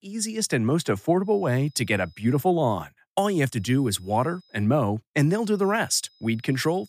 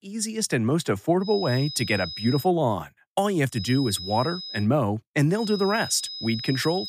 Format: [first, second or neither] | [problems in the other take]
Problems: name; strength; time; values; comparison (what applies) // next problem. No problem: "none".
first | high-pitched whine; loud; from 1.5 to 2.5 s, from 3.5 to 4.5 s and from 5.5 s on; 5 kHz, 9 dB below the speech; faint in the first